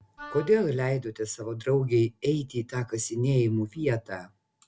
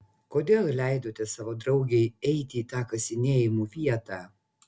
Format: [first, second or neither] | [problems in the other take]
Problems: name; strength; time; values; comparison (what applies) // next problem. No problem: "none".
second | background sound (Wind instrument, woodwind instrument); 17 dB below the speech